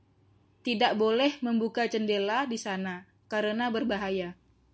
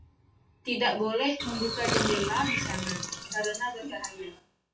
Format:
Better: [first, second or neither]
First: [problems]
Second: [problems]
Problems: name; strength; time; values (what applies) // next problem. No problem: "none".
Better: first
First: none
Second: noise reduction (classical method WPE with log-MMSE)